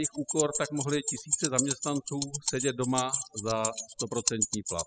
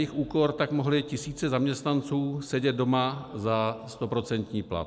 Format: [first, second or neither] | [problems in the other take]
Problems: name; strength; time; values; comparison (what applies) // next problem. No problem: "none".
second | noise reduction (classical method spectral subtraction)